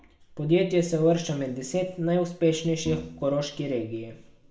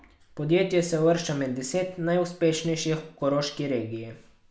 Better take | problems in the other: second | background sound (Bowed string instrument); 16 dB below the speech // room echo; dies away in 0.8 s

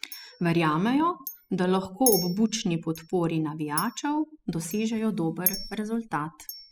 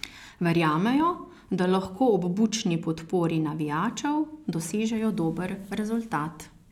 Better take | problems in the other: second | noise reduction (classical method spectral subtraction)

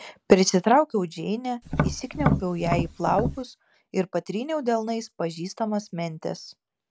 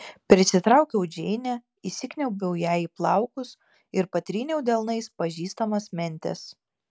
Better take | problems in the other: second | background sound (Tap); 1 dB below the speech

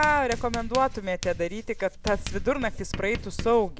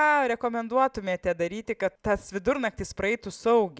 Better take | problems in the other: second | background sound (Writing); 8 dB below the speech

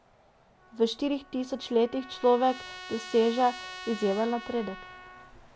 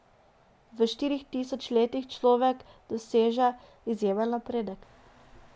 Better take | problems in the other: second | background sound (Trumpet); 16 dB below the speech

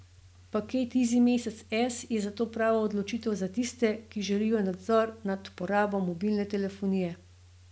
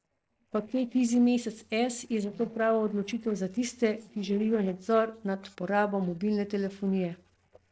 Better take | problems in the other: first | noise reduction (neural separator model SepFormer DNS4)

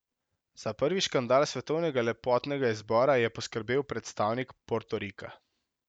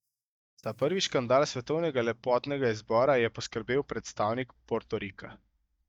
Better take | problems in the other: first | noise reduction (neural mask model DeepFilterNet 3)

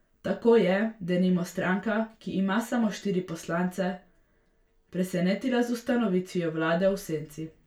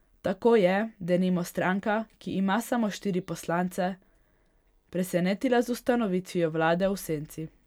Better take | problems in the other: second | room echo; dies away in 0.3 s

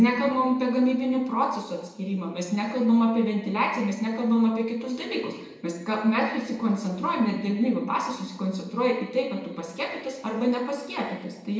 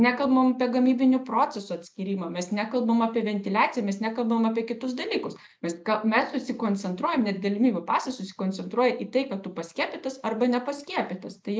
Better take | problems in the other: second | room echo; dies away in 1 s

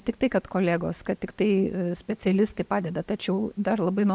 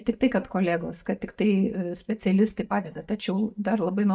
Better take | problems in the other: first | noise reduction (neural mask model DeepFilterNet 3)

